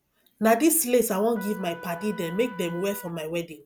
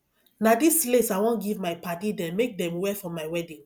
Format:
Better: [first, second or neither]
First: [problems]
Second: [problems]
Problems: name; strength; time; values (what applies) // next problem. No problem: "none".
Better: second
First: background sound (Trumpet); 17 dB below the speech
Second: none